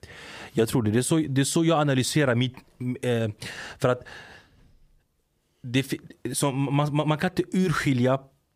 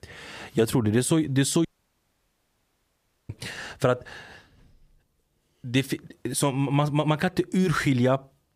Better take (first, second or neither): first